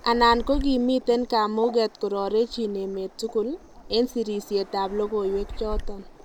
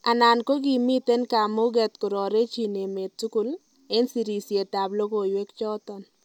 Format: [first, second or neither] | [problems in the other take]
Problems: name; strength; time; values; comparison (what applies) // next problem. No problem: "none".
second | background sound (Waves, surf); 11 dB below the speech